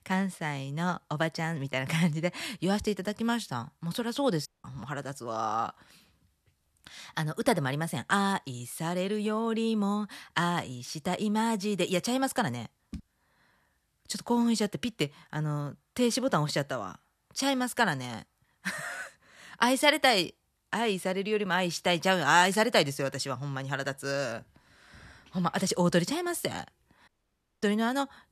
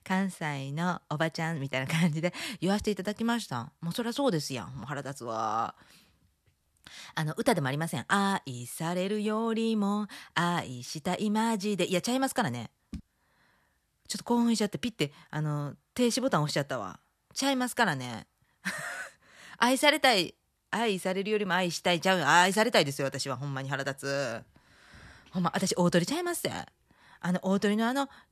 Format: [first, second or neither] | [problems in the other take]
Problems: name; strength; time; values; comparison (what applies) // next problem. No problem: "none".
second | audio cutting out; at 4.5 s and at 27 s for 0.5 s